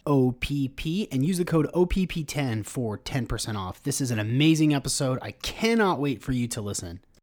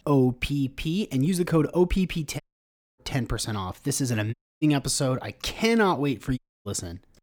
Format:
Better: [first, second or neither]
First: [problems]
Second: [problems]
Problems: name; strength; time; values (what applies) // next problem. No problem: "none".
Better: first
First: none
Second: audio cutting out; at 2.5 s for 0.5 s, at 4.5 s and at 6.5 s